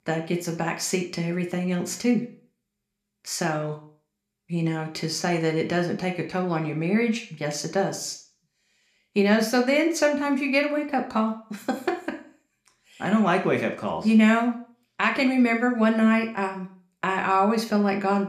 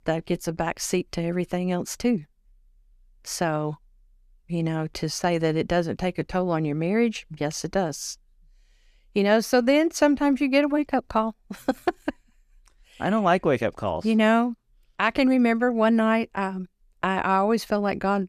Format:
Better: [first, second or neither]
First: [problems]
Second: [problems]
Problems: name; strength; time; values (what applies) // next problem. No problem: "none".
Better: second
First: room echo; very slight; dies away in 0.4 s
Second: none